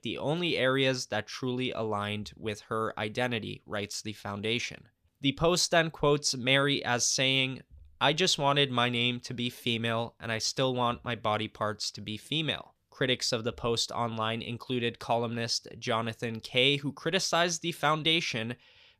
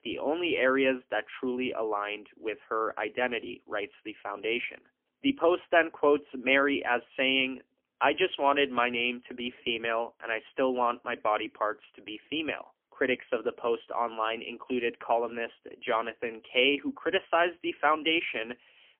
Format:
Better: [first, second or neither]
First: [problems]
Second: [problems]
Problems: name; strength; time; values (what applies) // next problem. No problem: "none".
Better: first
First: none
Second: phone-call audio; poor line; nothing above 3 kHz